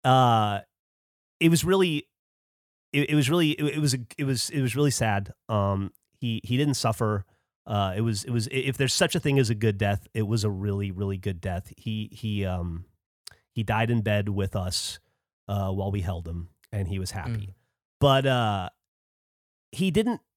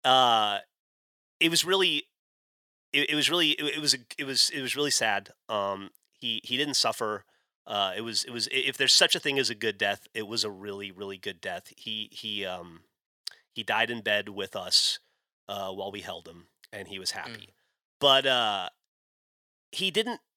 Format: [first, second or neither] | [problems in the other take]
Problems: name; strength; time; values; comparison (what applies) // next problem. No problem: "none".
first | thin; somewhat; fading below 400 Hz